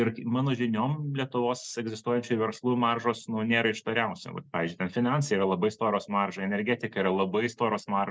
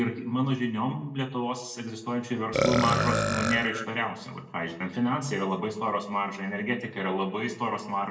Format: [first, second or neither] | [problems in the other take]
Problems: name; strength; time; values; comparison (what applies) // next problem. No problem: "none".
first | background sound (Burping, eructation); as loud as the speech // room echo; dies away in 0.6 s